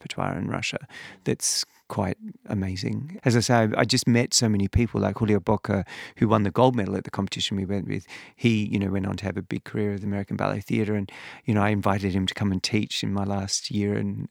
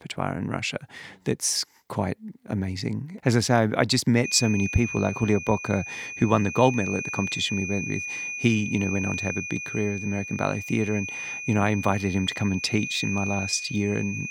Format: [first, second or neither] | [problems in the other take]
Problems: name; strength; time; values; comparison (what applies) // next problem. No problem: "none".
first | high-pitched whine; loud; from 4 s on; 2.5 kHz, 6 dB below the speech